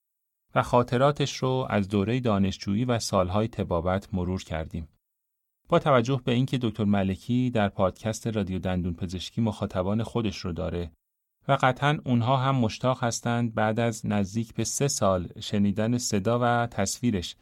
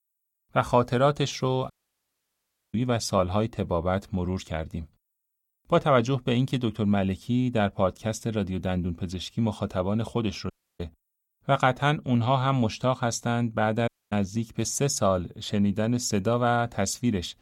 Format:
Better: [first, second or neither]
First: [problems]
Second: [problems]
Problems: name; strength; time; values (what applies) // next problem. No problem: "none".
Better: first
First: none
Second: audio cutting out; at 1.5 s for 1 s, at 11 s and at 14 s